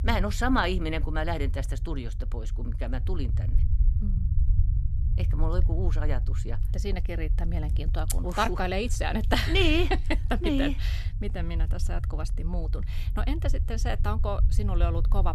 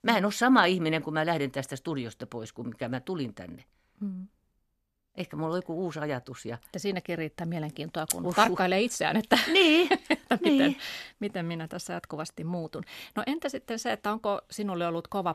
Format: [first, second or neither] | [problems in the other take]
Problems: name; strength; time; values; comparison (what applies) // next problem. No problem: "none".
second | low rumble; noticeable; throughout; 15 dB below the speech